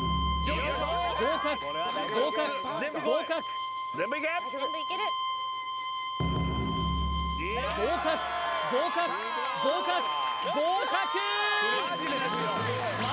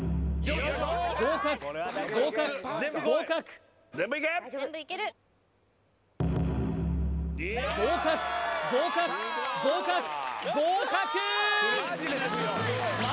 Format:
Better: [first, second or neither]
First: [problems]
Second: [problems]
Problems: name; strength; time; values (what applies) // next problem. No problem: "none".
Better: second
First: background sound (Bowed string instrument); 3 dB below the speech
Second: none